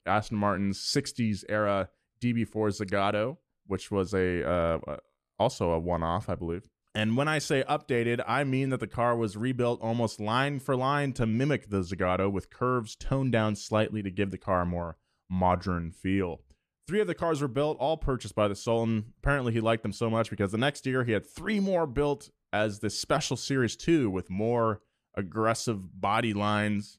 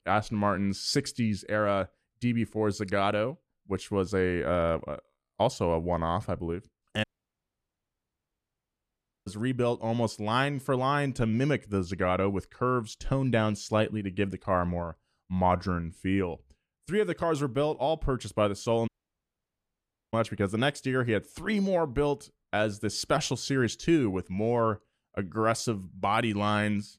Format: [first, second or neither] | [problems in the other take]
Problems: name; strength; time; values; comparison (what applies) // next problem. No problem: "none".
first | audio cutting out; at 7 s for 2 s and at 19 s for 1.5 s